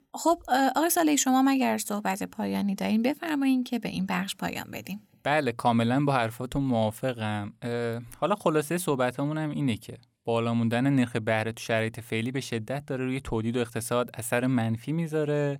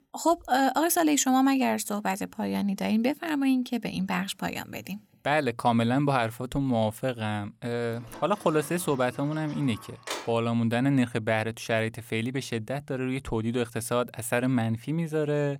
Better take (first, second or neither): first